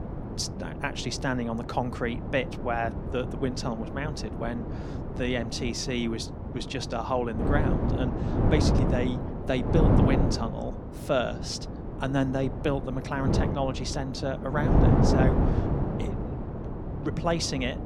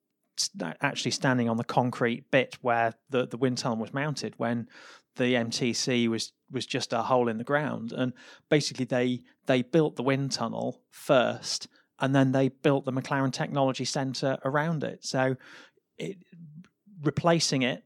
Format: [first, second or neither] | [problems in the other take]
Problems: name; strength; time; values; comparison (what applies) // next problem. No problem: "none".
second | wind noise on the microphone; heavy; 4 dB below the speech